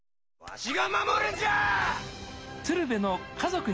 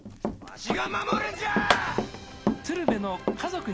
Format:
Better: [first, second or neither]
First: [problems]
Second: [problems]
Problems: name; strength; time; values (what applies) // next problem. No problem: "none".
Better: first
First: none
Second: background sound (Run); 1 dB above the speech